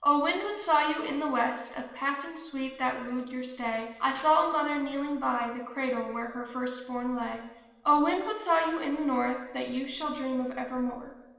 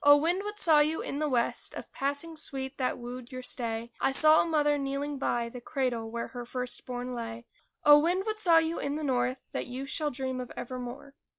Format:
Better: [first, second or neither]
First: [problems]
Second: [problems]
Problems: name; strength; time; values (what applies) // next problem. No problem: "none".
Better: second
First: room echo; dies away in 1.1 s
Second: none